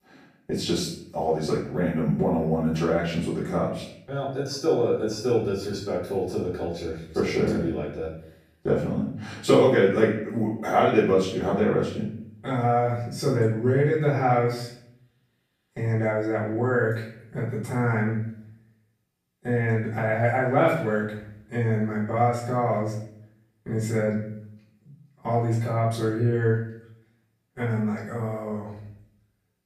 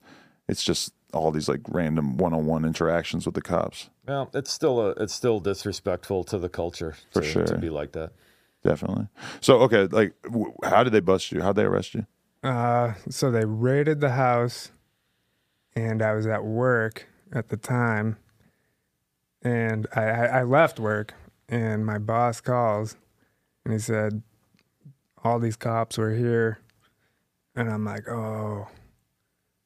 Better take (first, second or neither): second